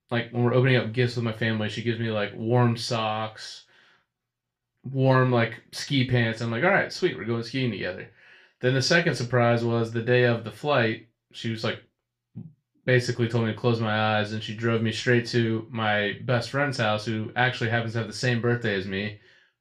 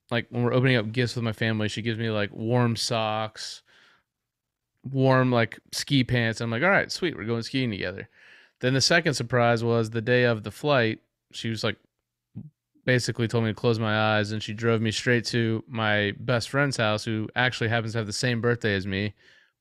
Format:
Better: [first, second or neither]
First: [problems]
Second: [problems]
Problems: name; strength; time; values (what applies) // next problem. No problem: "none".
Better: second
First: room echo; very slight; dies away in 0.3 s // off-mic speech; far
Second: none